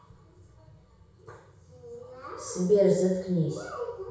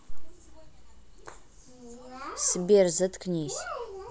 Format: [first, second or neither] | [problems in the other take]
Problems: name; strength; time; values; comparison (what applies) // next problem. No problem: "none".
second | room echo; dies away in 0.6 s